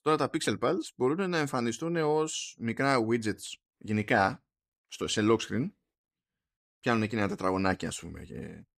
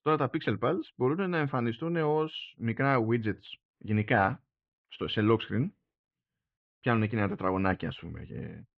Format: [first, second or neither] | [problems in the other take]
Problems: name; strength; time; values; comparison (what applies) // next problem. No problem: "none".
first | muffled; very; fading above 3 kHz